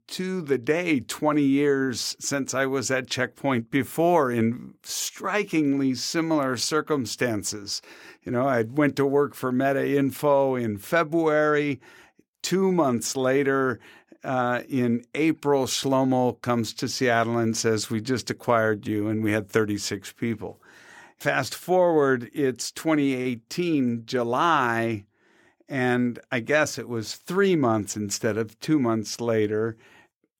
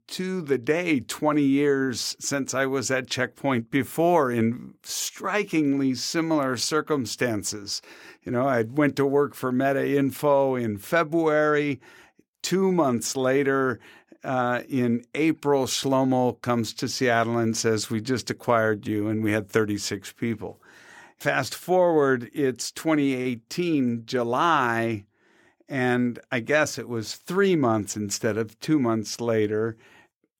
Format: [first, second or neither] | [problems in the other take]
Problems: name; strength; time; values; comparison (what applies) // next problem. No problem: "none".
neither | none